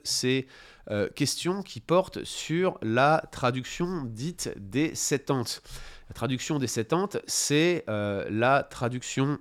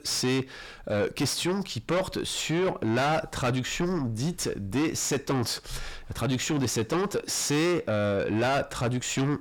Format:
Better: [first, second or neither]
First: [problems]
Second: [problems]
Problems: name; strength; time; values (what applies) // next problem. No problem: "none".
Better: first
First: none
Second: distortion; heavy; 5 dB below the speech